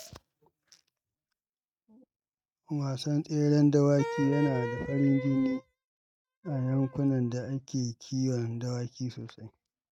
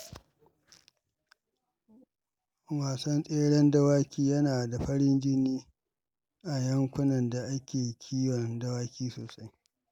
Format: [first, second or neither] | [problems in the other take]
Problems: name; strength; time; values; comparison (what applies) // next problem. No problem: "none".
second | noise reduction (neural mask model RNNoise)